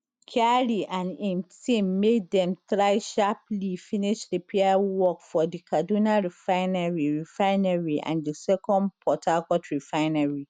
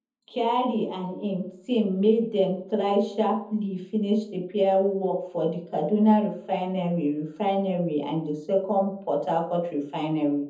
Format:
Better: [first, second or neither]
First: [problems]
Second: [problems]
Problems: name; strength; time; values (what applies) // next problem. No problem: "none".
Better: first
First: none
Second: room echo; dies away in 0.6 s